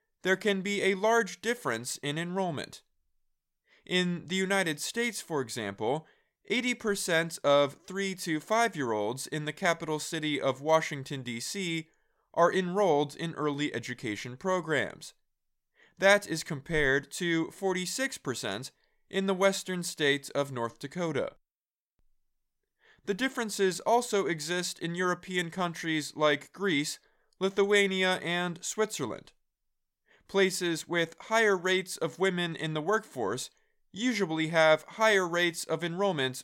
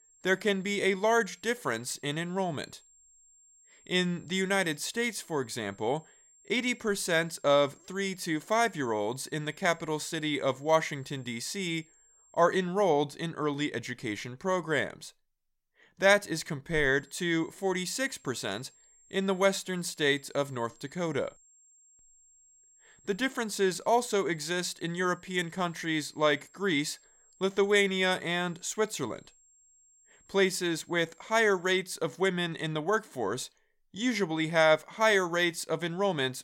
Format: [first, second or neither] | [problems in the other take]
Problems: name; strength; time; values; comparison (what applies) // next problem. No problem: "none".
first | high-pitched whine; faint; until 13 s and from 17 to 32 s; 7.5 kHz, 30 dB below the speech